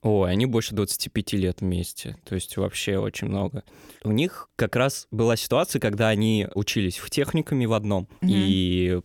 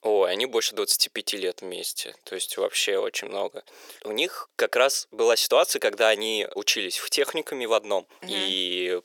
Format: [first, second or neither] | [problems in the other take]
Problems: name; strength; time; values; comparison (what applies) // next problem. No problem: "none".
first | thin; very; fading below 450 Hz